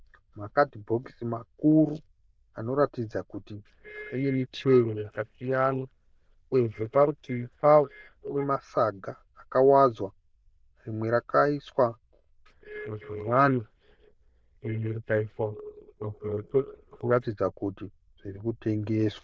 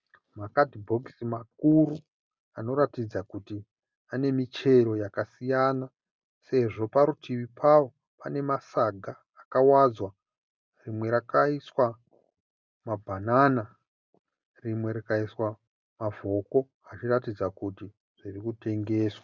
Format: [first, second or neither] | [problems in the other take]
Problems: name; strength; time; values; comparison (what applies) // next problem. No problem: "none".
second | noise reduction (neural diffusion model UNIVERSE++)